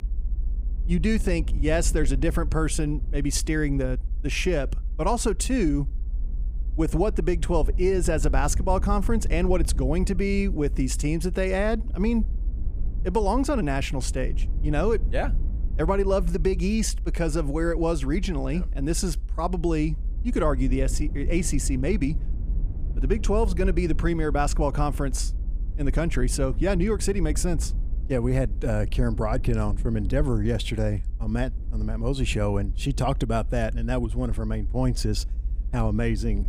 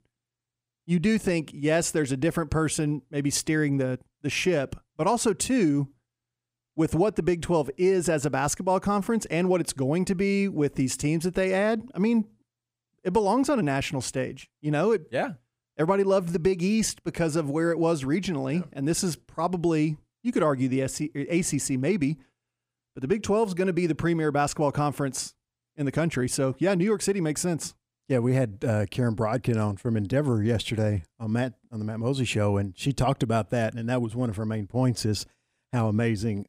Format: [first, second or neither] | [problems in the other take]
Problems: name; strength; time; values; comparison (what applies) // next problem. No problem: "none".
second | low rumble; faint; throughout; 20 dB below the speech